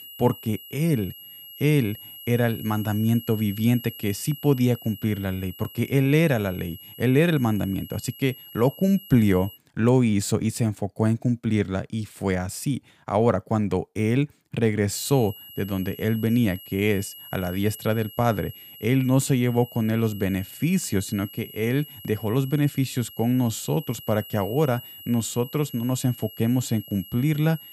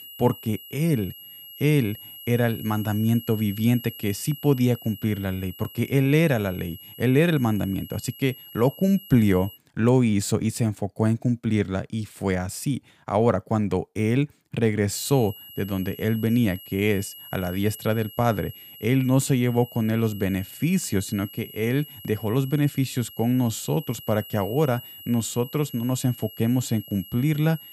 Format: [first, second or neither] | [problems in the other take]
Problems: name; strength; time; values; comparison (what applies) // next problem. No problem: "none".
neither | high-pitched whine; noticeable; until 9.5 s and from 15 s on; 3 kHz, 15 dB below the speech; the same in both